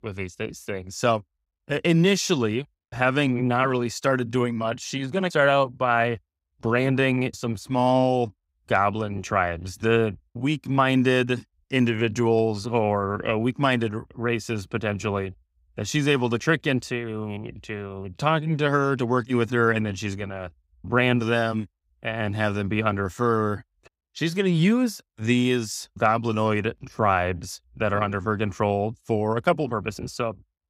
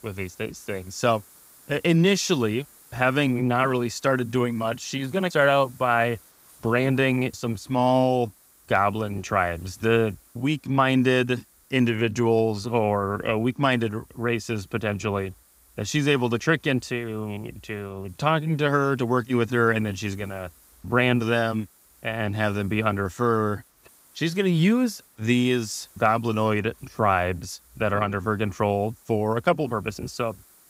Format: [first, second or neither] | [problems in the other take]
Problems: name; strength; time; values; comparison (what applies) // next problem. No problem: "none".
first | hiss; faint; throughout; 30 dB below the speech